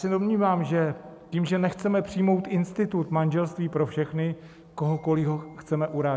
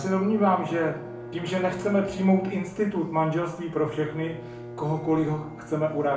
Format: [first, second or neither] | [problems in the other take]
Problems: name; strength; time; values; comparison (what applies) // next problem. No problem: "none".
first | background sound (Bowed string instrument); 15 dB below the speech // room echo; dies away in 0.4 s